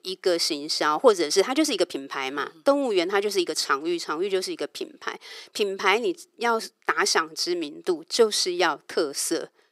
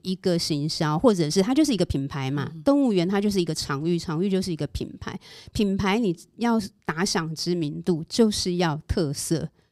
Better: second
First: thin; very; fading below 400 Hz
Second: none

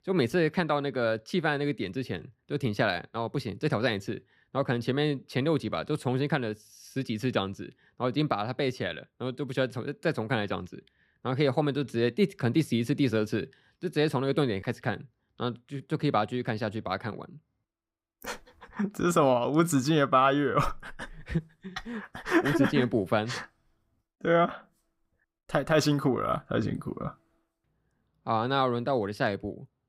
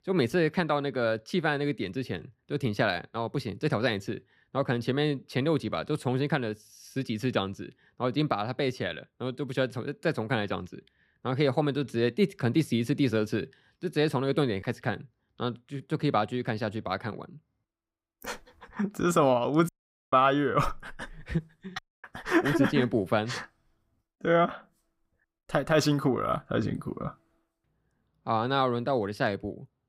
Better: first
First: none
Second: audio cutting out; at 20 s and at 22 s

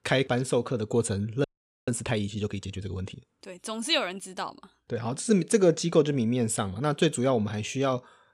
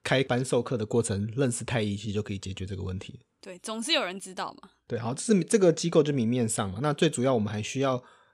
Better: second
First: audio freezing; at 1.5 s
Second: none

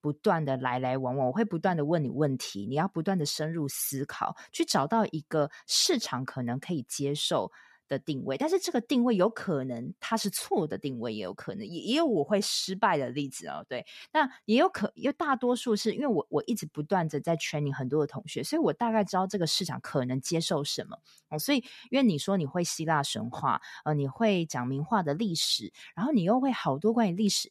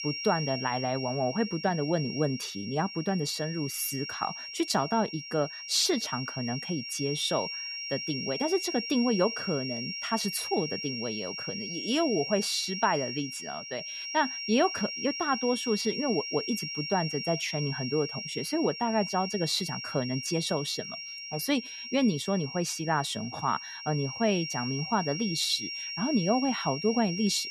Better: first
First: none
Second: high-pitched whine; loud; throughout; 5.5 kHz, 5 dB below the speech

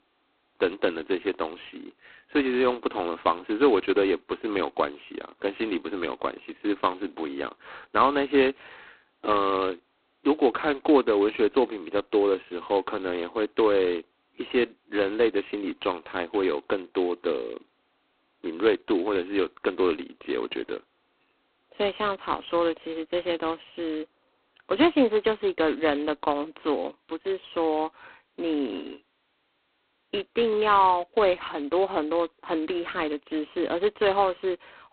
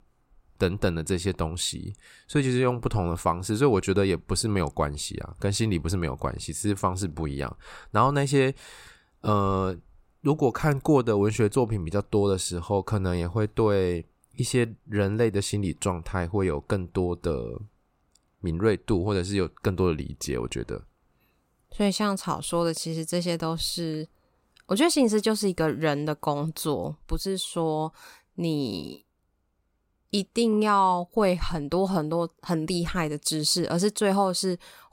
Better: second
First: phone-call audio; poor line; nothing above 4 kHz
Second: none

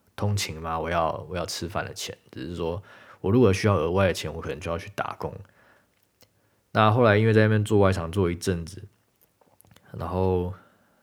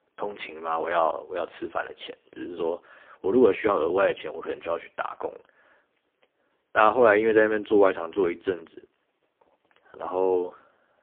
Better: first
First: none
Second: phone-call audio; poor line

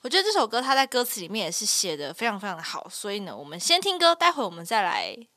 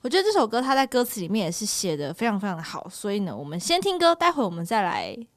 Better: second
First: thin; somewhat; fading below 700 Hz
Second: none

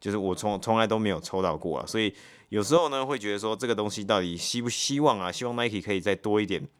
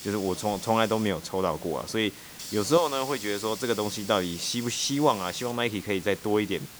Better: first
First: none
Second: hiss; noticeable; throughout; 10 dB below the speech

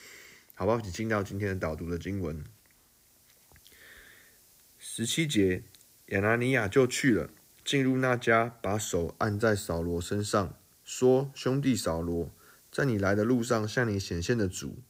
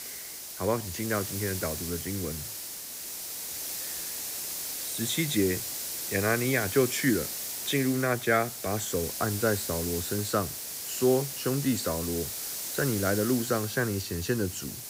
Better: first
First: hiss; faint; throughout; 30 dB below the speech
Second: hiss; loud; throughout; 4 dB below the speech

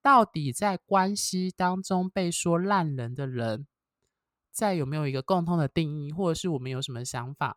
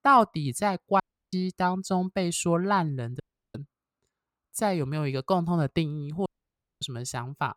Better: first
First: none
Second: audio cutting out; at 1 s, at 3 s and at 6.5 s for 0.5 s

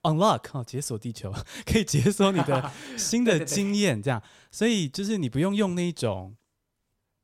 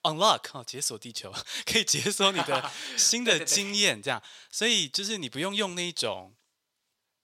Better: first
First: none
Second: thin; somewhat; fading below 900 Hz

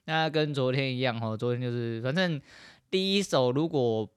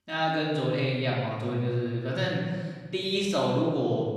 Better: first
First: none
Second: off-mic speech; far // room echo; noticeable; dies away in 1.4 s

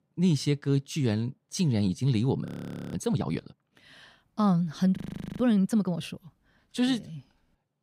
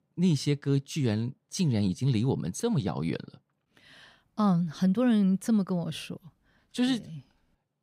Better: second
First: audio freezing; at 2.5 s and at 5 s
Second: none

